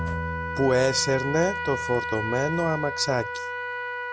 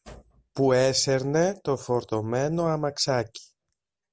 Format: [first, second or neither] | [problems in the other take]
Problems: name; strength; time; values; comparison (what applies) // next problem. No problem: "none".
second | background sound (Bowed string instrument + Trumpet); 4 dB below the speech